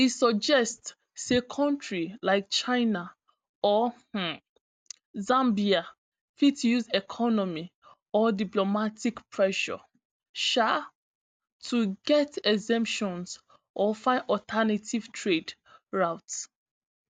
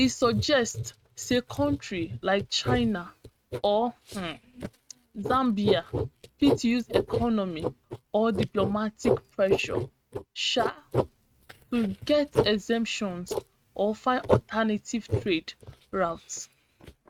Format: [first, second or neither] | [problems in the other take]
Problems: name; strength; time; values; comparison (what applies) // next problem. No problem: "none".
first | noise reduction (neural mask model RNNoise)